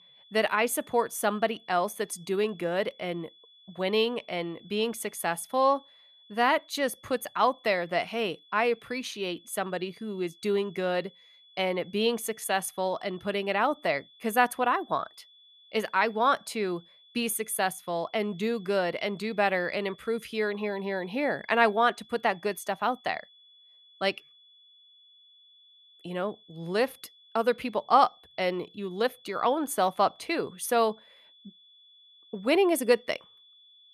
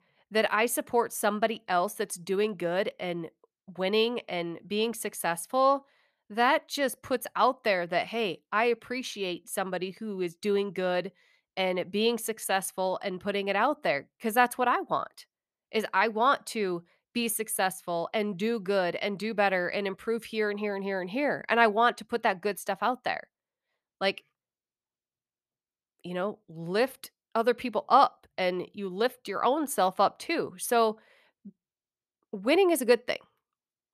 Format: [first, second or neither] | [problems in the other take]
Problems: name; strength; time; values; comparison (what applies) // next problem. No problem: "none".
second | high-pitched whine; faint; throughout; 3.5 kHz, 25 dB below the speech